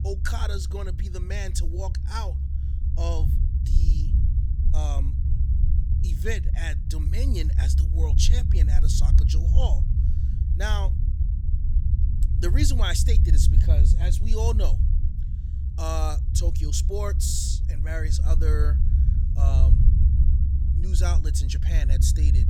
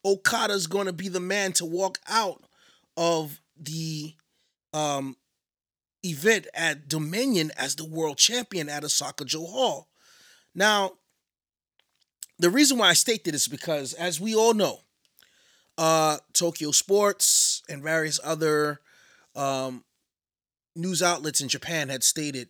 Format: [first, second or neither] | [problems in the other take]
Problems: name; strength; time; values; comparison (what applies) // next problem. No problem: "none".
second | low rumble; loud; throughout; 7 dB below the speech